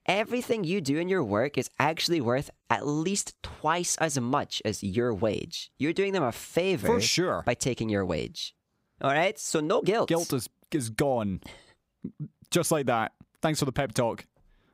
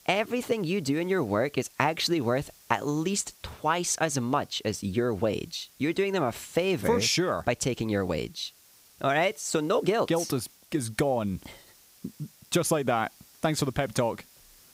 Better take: first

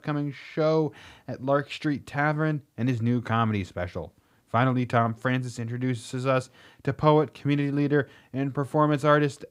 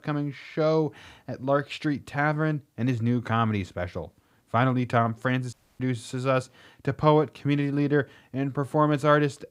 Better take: first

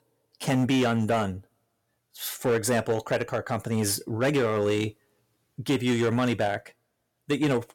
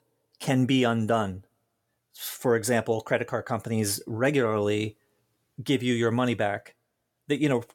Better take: second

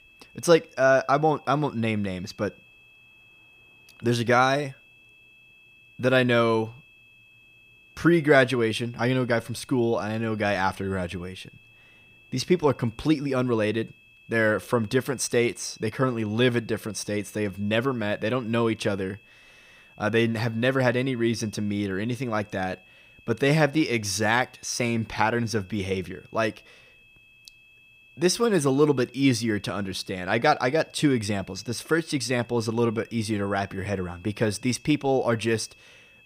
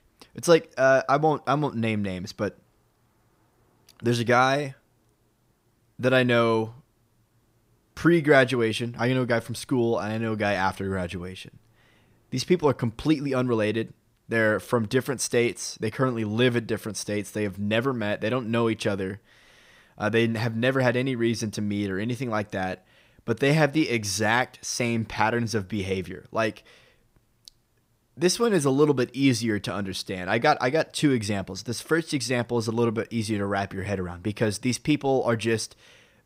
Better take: second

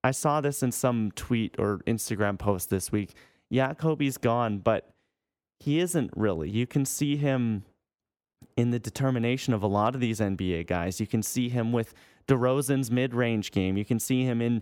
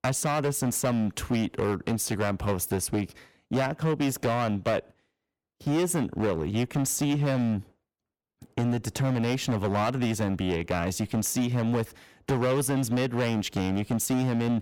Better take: first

